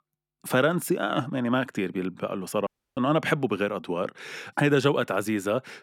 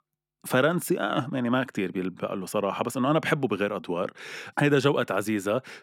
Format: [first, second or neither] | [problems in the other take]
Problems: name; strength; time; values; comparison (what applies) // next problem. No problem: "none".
second | audio cutting out; at 2.5 s